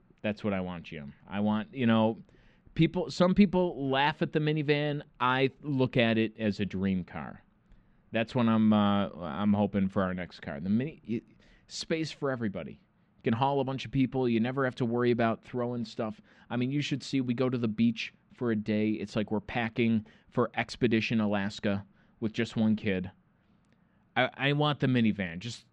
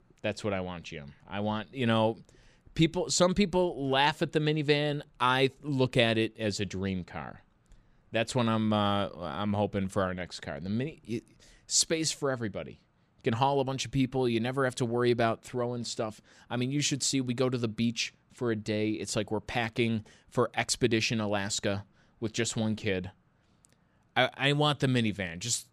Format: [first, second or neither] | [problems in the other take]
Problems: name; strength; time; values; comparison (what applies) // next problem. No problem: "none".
second | muffled; slightly; fading above 2.5 kHz